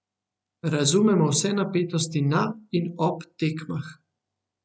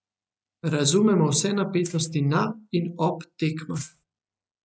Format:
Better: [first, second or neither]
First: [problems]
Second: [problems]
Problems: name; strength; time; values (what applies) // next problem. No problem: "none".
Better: first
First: none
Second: noise reduction (neural mask model RNNoise)